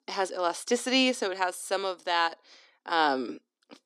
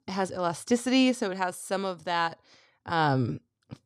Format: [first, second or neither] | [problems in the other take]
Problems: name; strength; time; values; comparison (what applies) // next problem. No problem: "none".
second | thin; very slightly; fading below 300 Hz